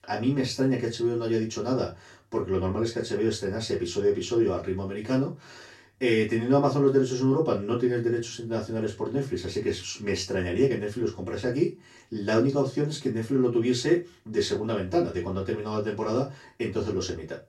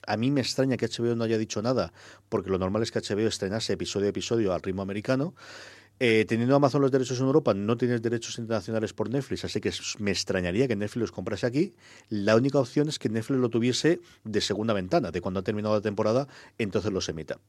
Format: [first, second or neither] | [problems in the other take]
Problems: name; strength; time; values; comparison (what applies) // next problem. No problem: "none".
second | off-mic speech; far // room echo; very slight; dies away in 0.2 s